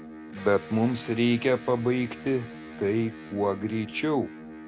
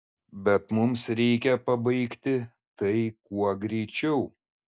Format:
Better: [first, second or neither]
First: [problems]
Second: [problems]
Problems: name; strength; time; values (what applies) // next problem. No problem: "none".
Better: second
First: background sound (Electric guitar); 14 dB below the speech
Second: none